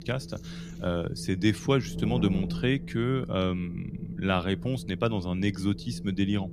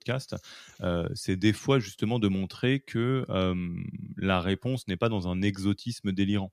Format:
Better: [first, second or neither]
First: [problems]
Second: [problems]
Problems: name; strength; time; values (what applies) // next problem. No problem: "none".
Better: second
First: wind noise on the microphone; occasional gusts; 15 dB below the speech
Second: none